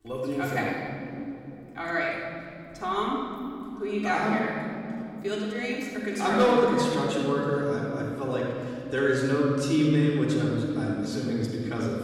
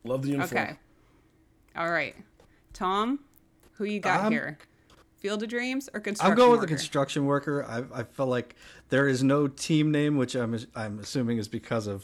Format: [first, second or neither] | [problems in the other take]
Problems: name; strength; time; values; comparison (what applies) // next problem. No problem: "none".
second | off-mic speech; far // room echo; noticeable; dies away in 2.9 s